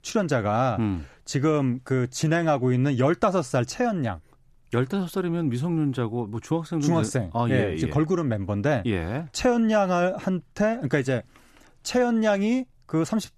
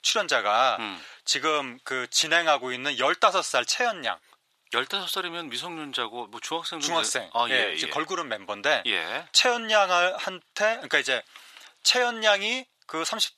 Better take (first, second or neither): first